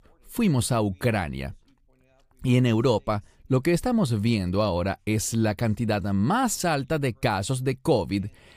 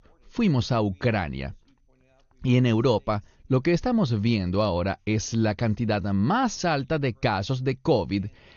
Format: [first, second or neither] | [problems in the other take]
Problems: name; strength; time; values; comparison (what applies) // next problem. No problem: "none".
first | garbled, watery; slightly; nothing above 6.5 kHz